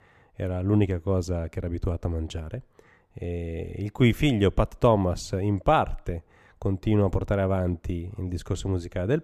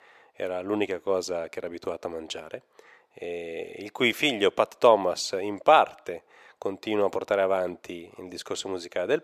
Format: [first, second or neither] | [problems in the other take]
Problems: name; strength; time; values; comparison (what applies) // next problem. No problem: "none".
first | thin; very; fading below 550 Hz